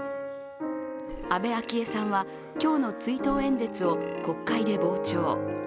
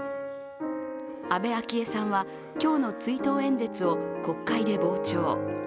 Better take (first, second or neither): second